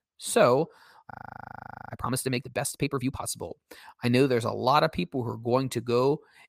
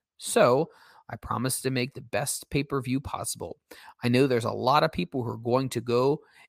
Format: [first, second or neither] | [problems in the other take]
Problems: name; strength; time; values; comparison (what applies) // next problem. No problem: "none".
second | audio freezing; at 1 s for 1 s